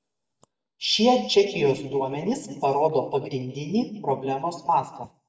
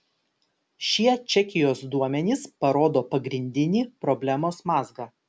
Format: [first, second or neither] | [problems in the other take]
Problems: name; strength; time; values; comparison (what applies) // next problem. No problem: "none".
second | noise reduction (neural mask model DeepFilterNet 3)